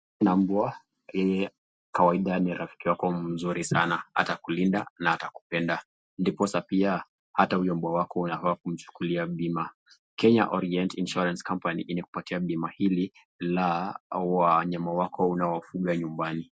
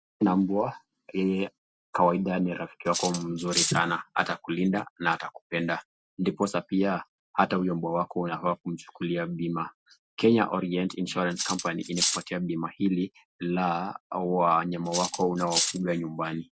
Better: first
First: none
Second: background sound (Cutlery, silverware); 3 dB below the speech

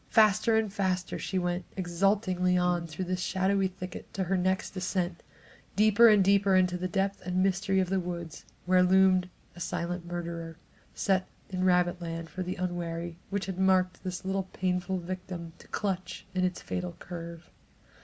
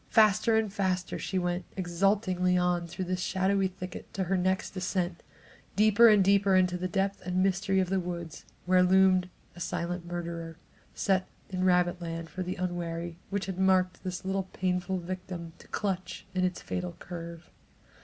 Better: second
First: background sound (Piano); 18 dB below the speech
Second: none

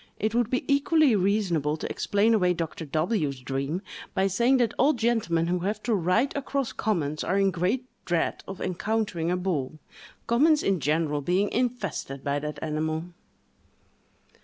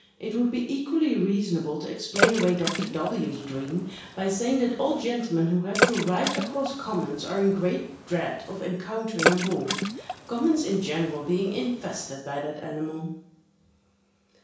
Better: first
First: none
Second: background sound (Water / Splash, splatter); 3 dB below the speech // room echo; dies away in 0.7 s

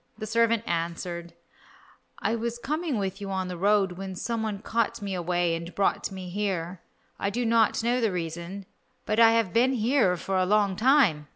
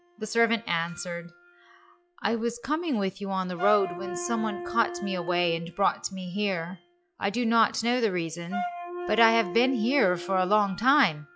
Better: first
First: none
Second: noise reduction (classical method log-MMSE)

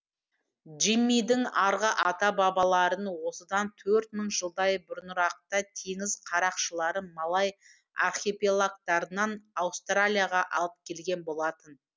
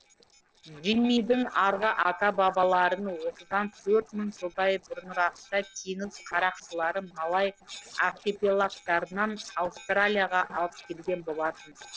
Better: first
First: none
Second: noise reduction (neural separator model SepFormer DNS4)

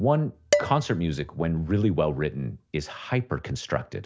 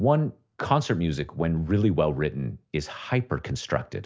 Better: second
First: background sound (Dishes, pots, and pans); 6 dB below the speech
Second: none

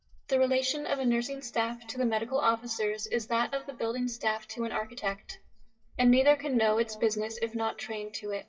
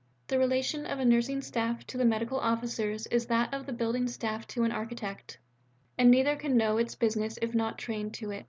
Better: second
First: noise reduction (classical method WPE with log-MMSE)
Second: none

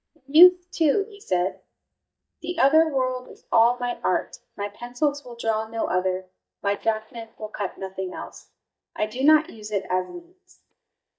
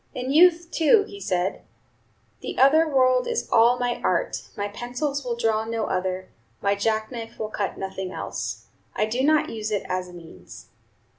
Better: second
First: noise reduction (neural mask model DeepFilterNet 3)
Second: none

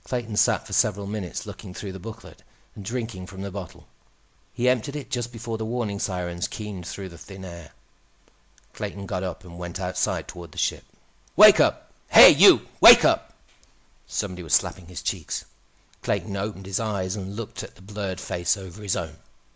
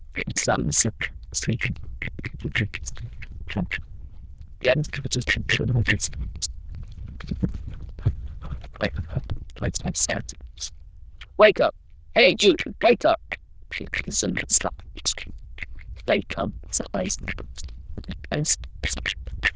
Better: first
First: none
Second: noise reduction (neural diffusion model UNIVERSE++)

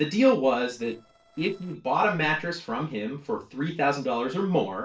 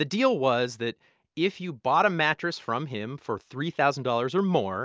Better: second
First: noise reduction (neural separator model SepFormer DNS4)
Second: none

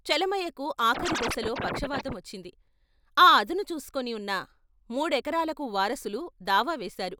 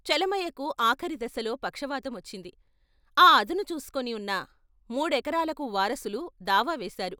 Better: second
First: background sound (Scratching (performance technique)); 5 dB below the speech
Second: none

